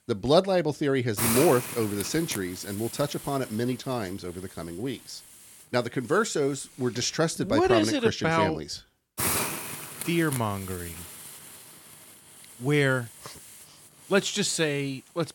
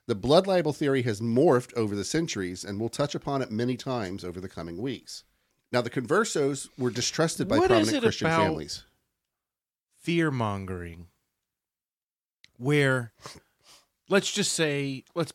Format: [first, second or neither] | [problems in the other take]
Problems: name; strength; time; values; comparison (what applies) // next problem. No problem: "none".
second | hiss; loud; throughout; 6 dB below the speech